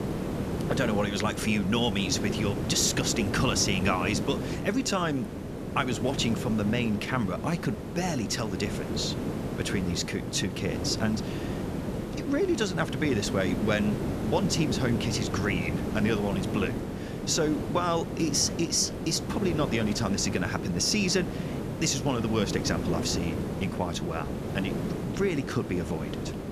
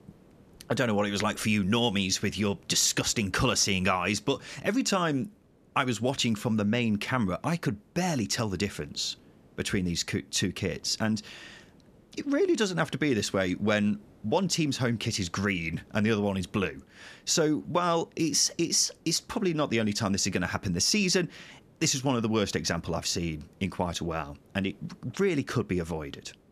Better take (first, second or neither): second